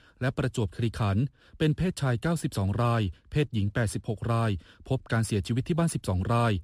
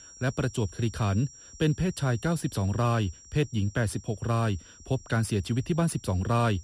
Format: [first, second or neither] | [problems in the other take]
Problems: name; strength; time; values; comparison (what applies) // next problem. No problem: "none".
first | high-pitched whine; noticeable; throughout; 5.5 kHz, 20 dB below the speech